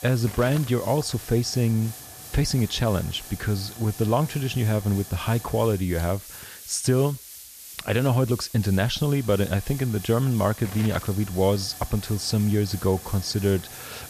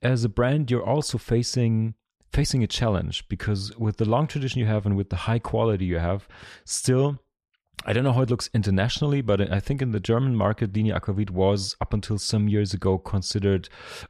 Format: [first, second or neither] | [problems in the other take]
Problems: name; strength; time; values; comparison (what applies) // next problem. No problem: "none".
second | hiss; noticeable; throughout; 15 dB below the speech